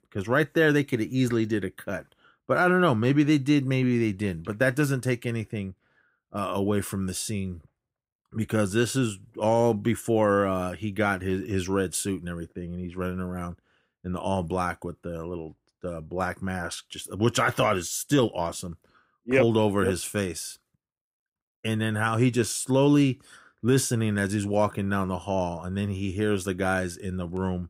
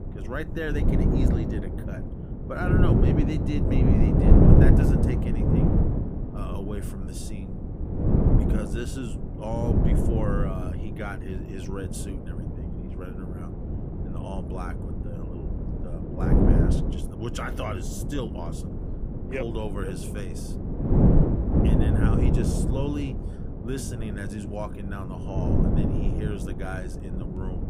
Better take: first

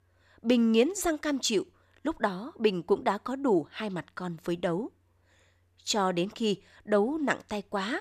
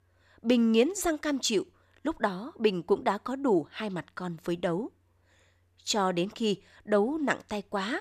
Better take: neither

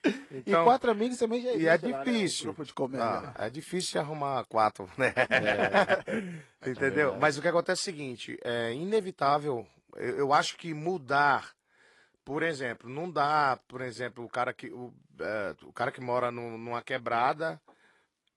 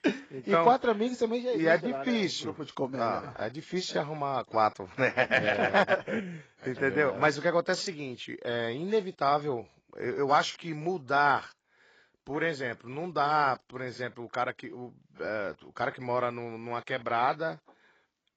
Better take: first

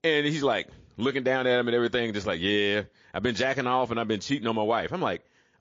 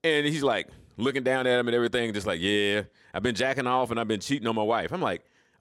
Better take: second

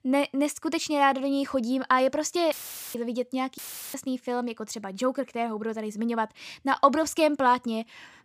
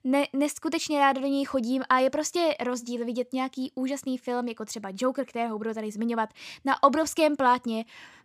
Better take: second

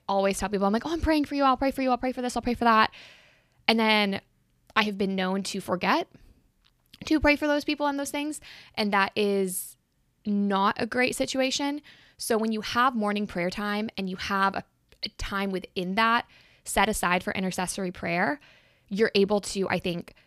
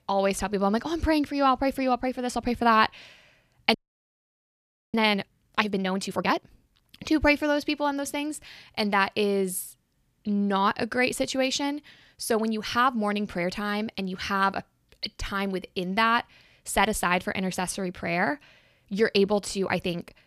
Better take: first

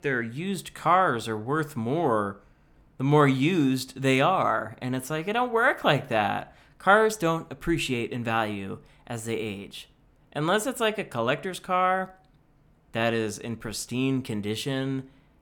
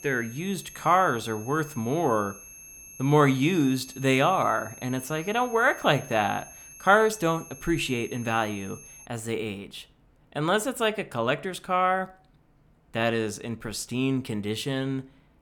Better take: first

